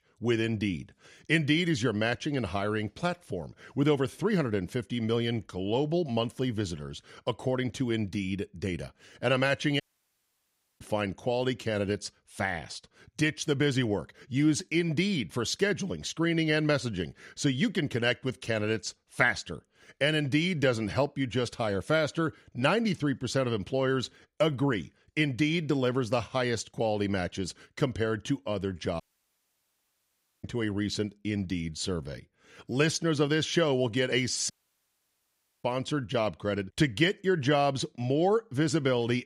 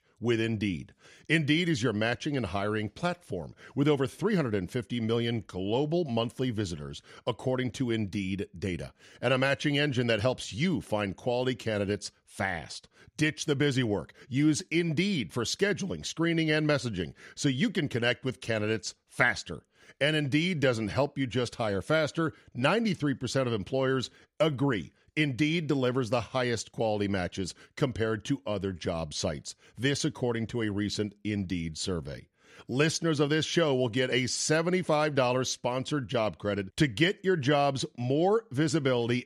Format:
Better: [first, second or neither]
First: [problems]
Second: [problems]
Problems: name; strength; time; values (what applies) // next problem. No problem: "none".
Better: second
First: audio cutting out; at 10 s for 1 s, at 29 s for 1.5 s and at 35 s for 1 s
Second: none